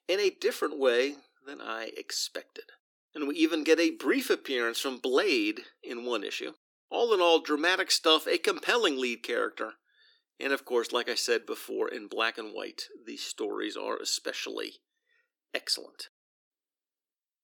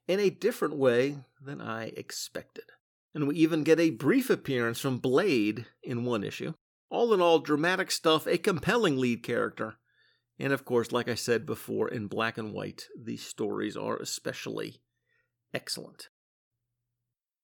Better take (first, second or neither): second